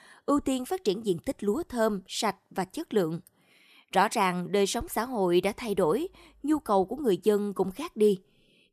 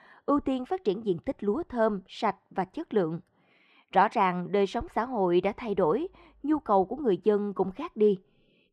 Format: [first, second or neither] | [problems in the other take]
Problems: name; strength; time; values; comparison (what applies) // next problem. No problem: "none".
first | muffled; very; fading above 2.5 kHz